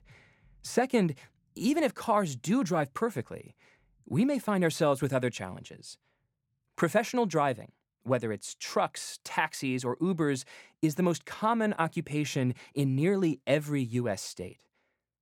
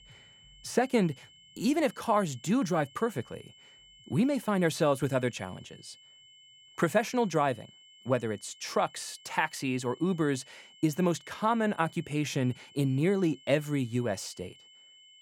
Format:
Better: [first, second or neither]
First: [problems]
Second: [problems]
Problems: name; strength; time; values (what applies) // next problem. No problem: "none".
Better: first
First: none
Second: high-pitched whine; faint; throughout; 3 kHz, 25 dB below the speech